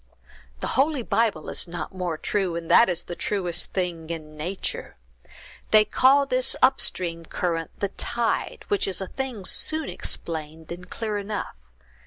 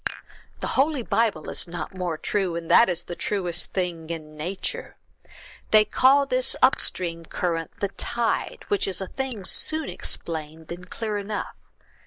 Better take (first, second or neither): first